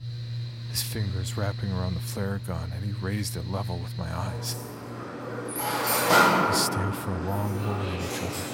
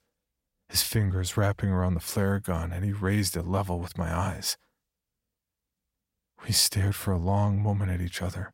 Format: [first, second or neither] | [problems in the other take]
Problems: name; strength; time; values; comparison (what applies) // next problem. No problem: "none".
second | machinery noise; very loud; throughout; 3 dB above the speech